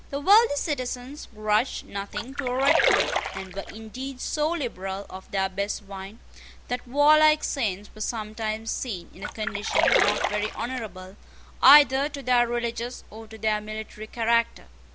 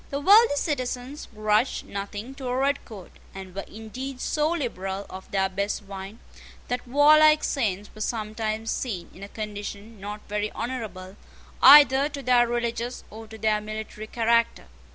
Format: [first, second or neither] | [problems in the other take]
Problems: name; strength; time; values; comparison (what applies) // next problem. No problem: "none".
second | background sound (Splash, splatter); as loud as the speech